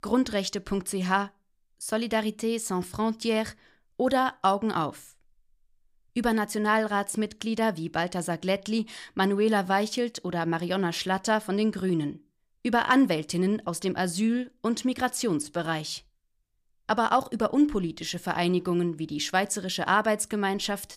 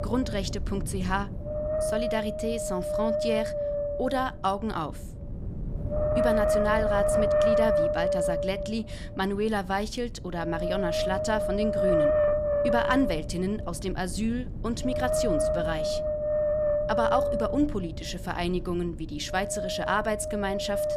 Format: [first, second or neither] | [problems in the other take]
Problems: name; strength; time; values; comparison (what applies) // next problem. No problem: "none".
first | wind noise on the microphone; heavy; 4 dB above the speech